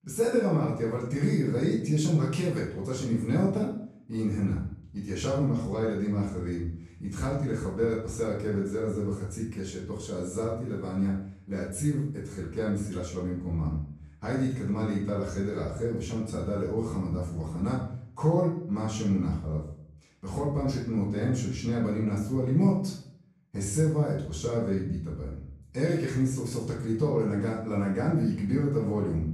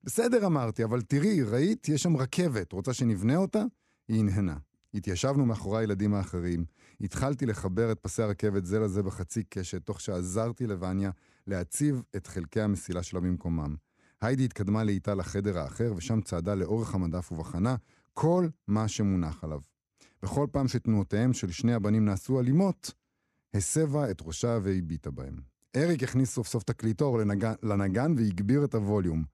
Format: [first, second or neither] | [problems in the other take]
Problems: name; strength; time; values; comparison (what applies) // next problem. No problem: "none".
second | room echo; noticeable; dies away in 0.5 s // off-mic speech; far